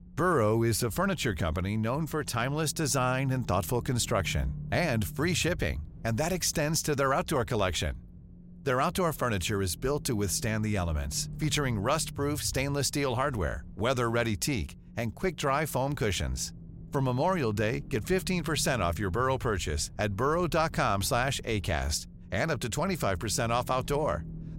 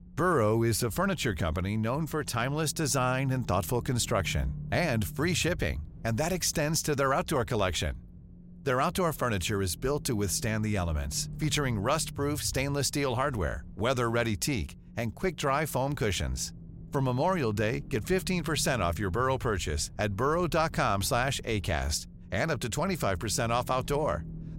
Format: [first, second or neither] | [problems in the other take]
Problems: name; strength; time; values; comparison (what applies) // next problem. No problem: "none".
neither | low rumble; faint; throughout; 25 dB below the speech; the same in both